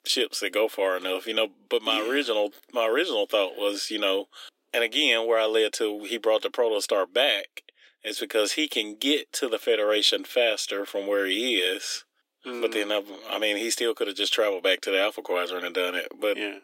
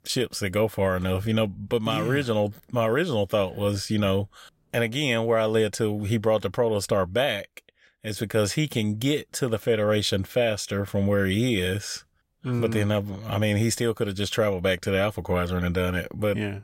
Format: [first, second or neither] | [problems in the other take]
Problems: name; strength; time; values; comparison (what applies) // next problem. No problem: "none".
second | thin; somewhat; fading below 300 Hz